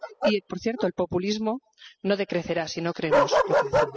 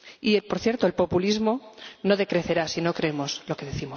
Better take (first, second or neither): second